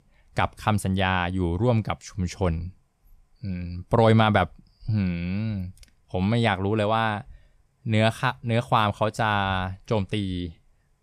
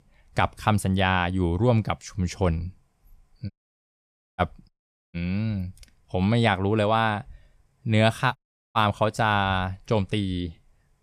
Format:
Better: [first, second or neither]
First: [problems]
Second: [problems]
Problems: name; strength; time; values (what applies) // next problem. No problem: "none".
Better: first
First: none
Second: audio cutting out; at 3.5 s for 1 s, at 4.5 s and at 8.5 s